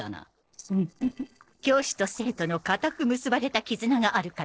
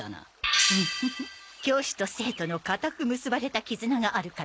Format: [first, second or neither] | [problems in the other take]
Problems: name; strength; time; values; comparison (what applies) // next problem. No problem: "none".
second | noise reduction (neural separator model SepFormer DNS4)